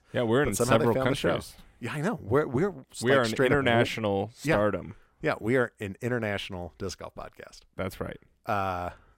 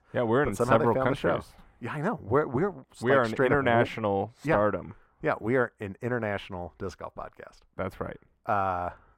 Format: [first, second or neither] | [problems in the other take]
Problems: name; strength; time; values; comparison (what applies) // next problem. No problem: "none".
first | muffled; slightly; fading above 2.5 kHz